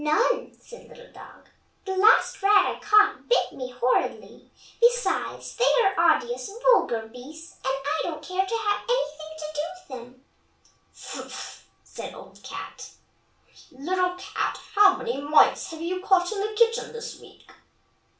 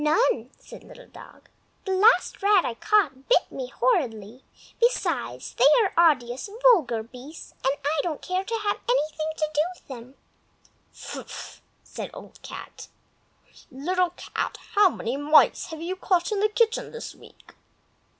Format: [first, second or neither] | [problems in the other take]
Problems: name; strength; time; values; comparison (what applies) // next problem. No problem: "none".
second | room echo; dies away in 0.3 s